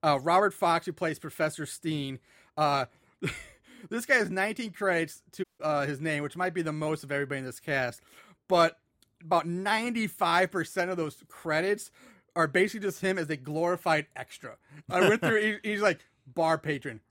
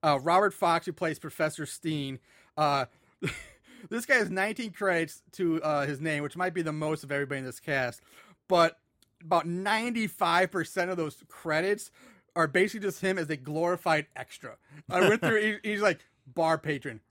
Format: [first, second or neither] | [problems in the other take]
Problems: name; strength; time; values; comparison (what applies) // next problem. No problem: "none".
second | audio cutting out; at 5.5 s